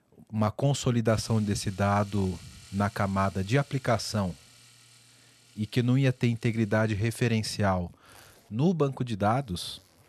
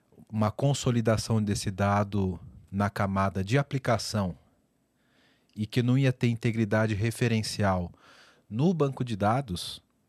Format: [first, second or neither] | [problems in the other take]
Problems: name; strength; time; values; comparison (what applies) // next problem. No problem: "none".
second | household noises; faint; throughout; 25 dB below the speech